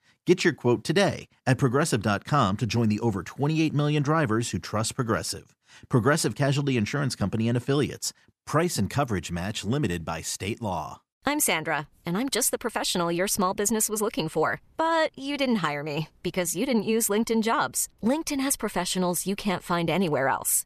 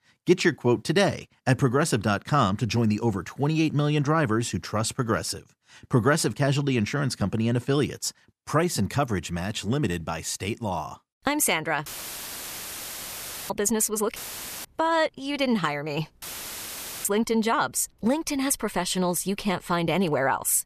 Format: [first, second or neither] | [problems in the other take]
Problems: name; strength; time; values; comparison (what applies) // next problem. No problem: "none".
first | audio cutting out; filled with static; at 12 s for 1.5 s, at 14 s and at 16 s for 1 s